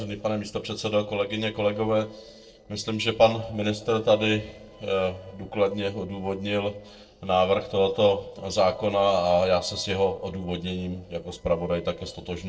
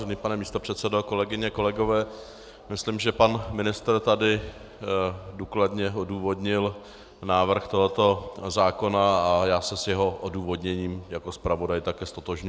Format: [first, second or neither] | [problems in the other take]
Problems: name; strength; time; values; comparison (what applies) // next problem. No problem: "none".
second | noise reduction (neural separator model SepFormer DNS4)